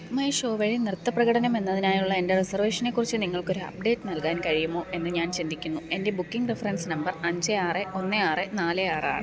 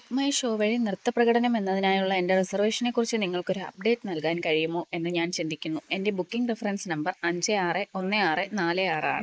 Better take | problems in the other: first | noise reduction (neural mask model Resemble Enhance denoiser)

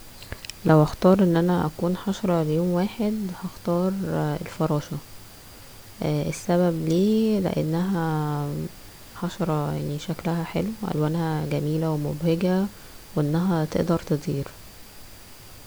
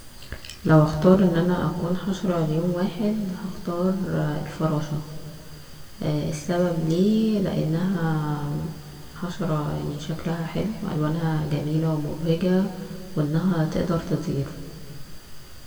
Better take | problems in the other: first | room echo; dies away in 1.9 s

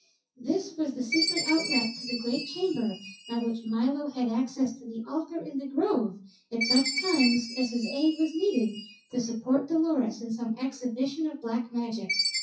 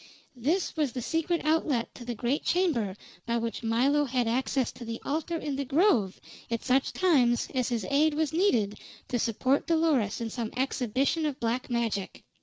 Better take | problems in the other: second | noise reduction (classical method WPE with log-MMSE)

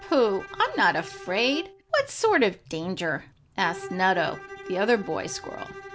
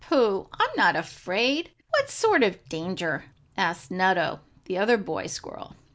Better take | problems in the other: second | background sound (Bowed string instrument); 16 dB below the speech

